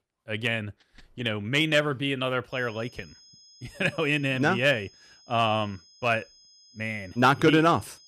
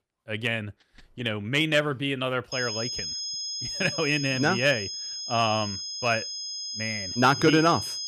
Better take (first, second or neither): first